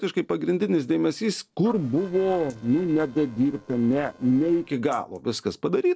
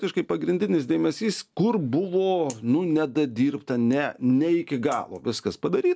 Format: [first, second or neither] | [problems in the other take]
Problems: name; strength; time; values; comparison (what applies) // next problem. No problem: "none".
second | noise reduction (neural separator model SepFormer DNS4)